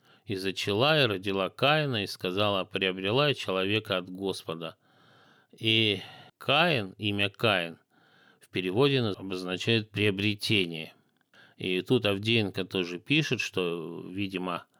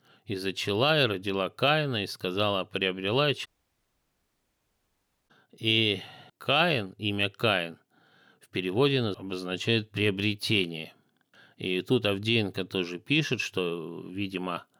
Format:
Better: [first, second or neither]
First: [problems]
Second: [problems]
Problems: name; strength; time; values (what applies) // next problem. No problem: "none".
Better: first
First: none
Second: audio cutting out; at 3.5 s for 2 s